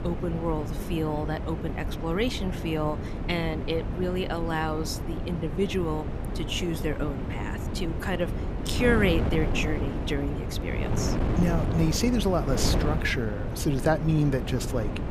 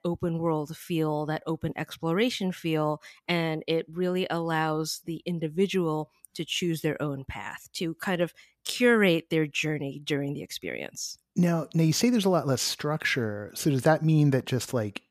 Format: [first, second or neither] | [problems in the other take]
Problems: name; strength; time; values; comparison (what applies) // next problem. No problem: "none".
second | wind noise on the microphone; heavy; 6 dB below the speech